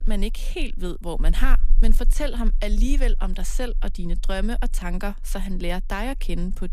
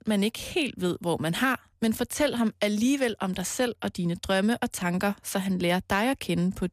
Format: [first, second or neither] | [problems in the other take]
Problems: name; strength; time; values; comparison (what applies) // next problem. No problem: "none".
second | low rumble; faint; throughout; 25 dB below the speech